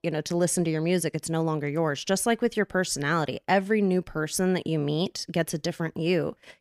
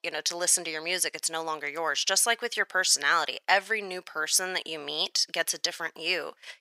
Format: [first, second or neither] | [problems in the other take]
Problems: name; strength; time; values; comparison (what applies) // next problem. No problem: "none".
first | thin; very; fading below 950 Hz